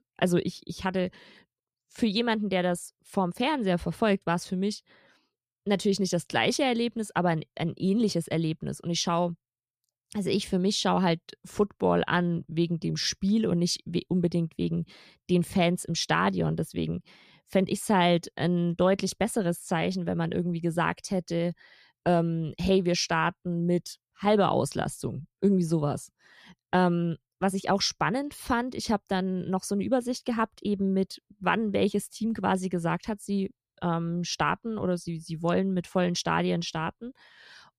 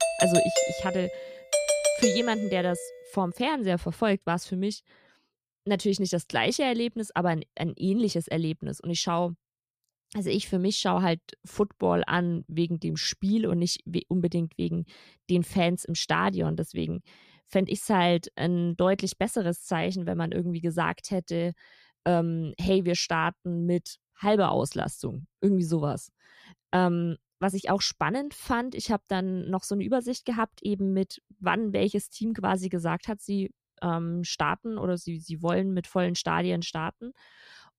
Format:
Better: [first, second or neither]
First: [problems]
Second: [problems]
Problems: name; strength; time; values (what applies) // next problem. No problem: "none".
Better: first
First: none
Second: doorbell; loud; until 2.5 s; peak 5 dB above the speech